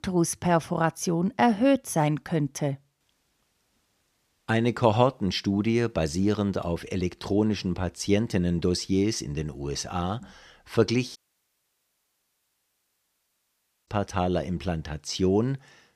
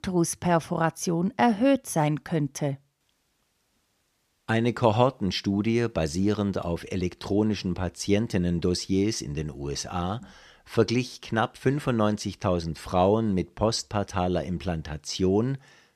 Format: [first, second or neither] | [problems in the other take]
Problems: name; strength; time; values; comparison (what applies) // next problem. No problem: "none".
second | audio cutting out; at 11 s for 2.5 s